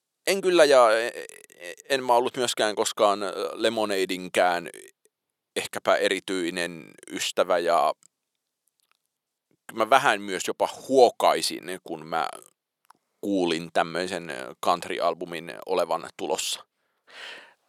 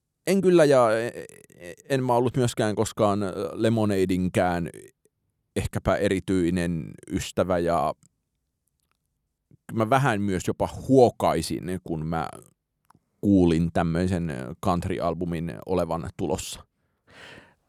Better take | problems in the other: second | thin; somewhat; fading below 500 Hz

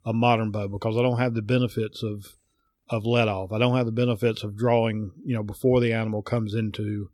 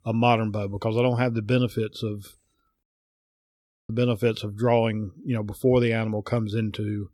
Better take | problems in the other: first | audio cutting out; at 3 s for 1 s

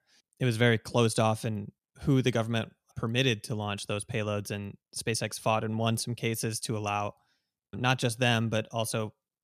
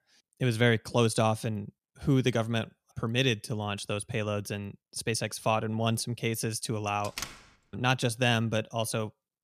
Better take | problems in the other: first | door banging; noticeable; at 7 s; peak 9 dB below the speech

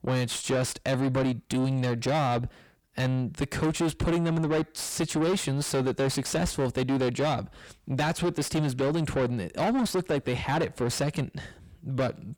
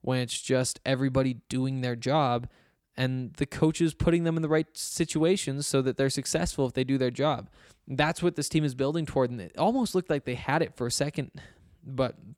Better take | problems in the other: second | distortion; heavy; 7 dB below the speech

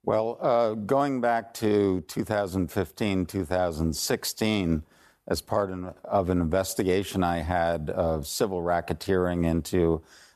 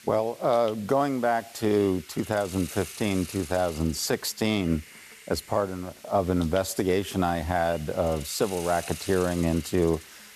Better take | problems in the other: first | hiss; noticeable; throughout; 15 dB below the speech

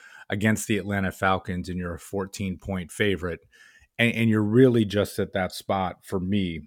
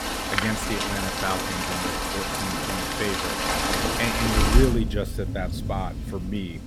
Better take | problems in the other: first | rain or running water; very loud; throughout; 4 dB above the speech

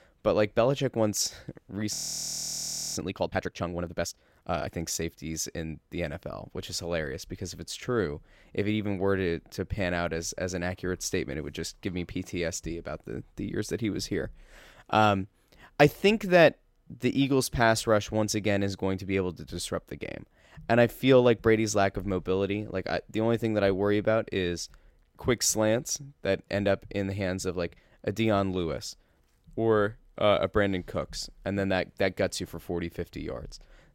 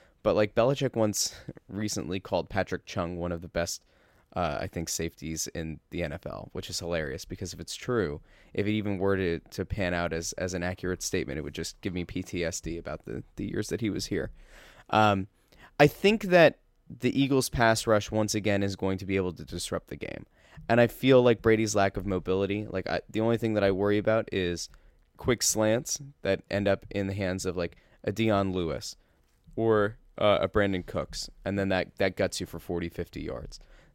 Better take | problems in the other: second | audio freezing; at 2 s for 1 s

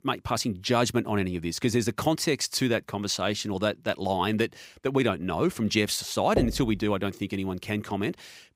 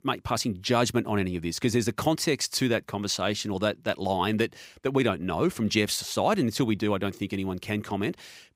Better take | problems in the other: second | door banging; noticeable; at 6.5 s; peak 3 dB below the speech

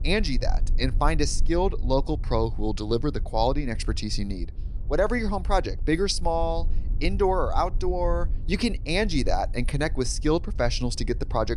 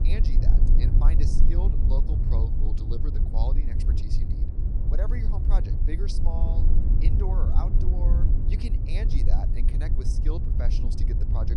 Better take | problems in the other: first | low rumble; loud; throughout; 1 dB below the speech; faint in the first

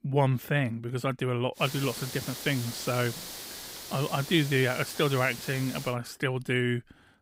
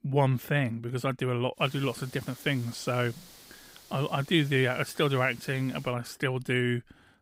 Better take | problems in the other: second | hiss; loud; from 1.5 to 6 s; 10 dB below the speech; faint in the second

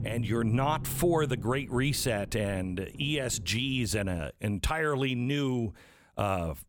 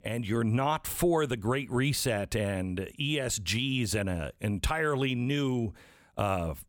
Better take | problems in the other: second | low rumble; faint; until 4 s; 20 dB below the speech

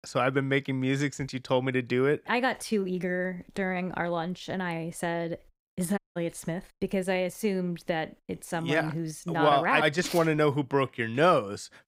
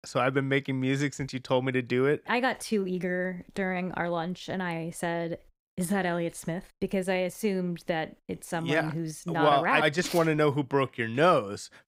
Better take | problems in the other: second | audio cutting out; at 6 s

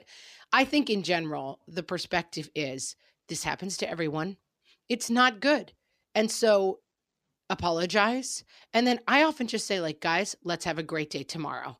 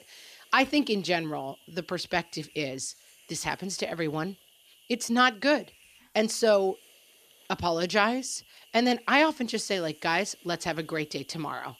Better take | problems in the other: first | hiss; faint; throughout; 25 dB below the speech

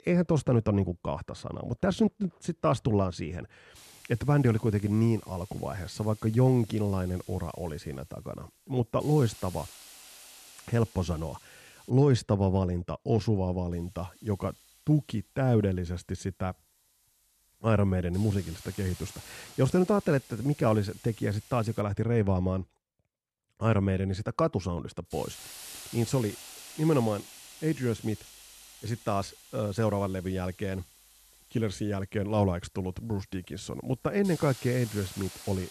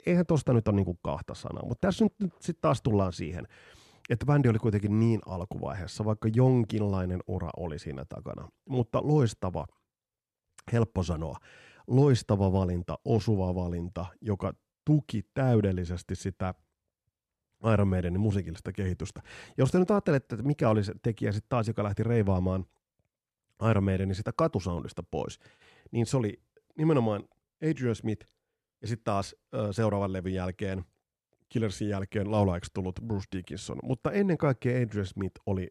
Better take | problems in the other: second | hiss; noticeable; from 4 to 12 s, from 14 to 22 s and from 25 s on; 20 dB below the speech

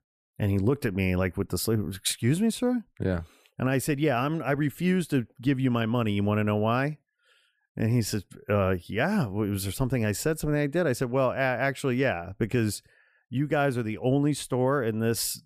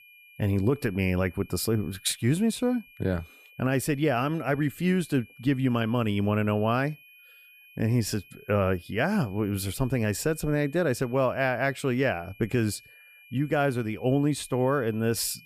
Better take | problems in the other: first | high-pitched whine; faint; throughout; 2.5 kHz, 25 dB below the speech

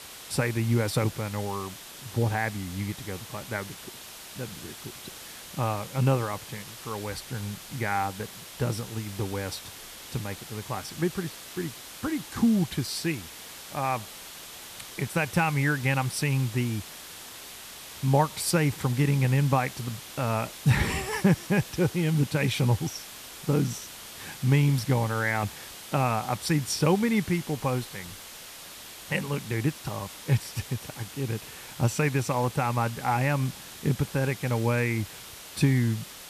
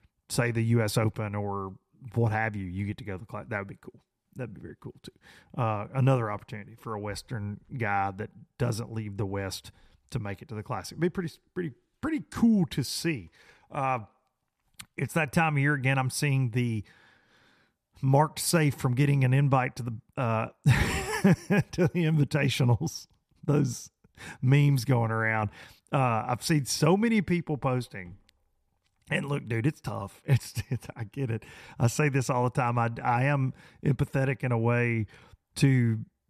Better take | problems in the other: second | hiss; noticeable; throughout; 15 dB below the speech

